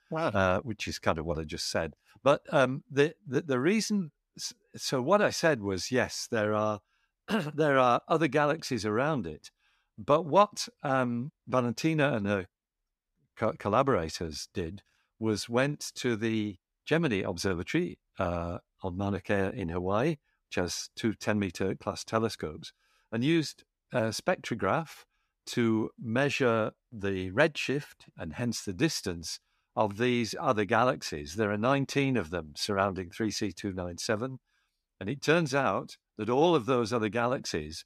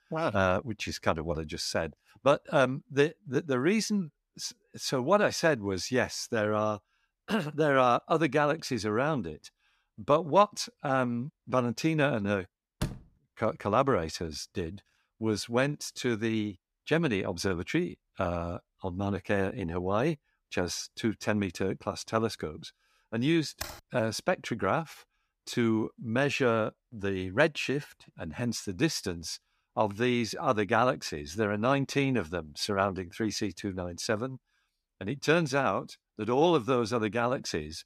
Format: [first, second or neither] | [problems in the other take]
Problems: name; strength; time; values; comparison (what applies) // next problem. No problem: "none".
first | door banging; noticeable; at 13 s; peak 8 dB below the speech // keyboard typing; faint; at 24 s; peak 10 dB below the speech